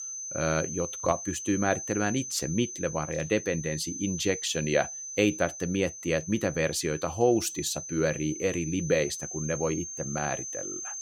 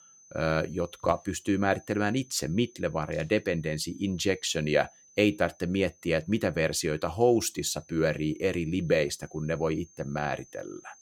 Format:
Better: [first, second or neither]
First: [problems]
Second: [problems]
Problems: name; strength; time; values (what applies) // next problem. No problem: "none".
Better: second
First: high-pitched whine; loud; throughout; 6 kHz, 7 dB below the speech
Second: high-pitched whine; faint; throughout; 6 kHz, 25 dB below the speech